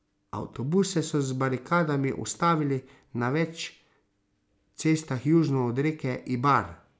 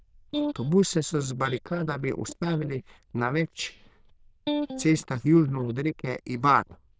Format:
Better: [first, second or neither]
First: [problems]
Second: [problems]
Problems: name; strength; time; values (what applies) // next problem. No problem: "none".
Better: first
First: none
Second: noise reduction (neural diffusion model UNIVERSE++)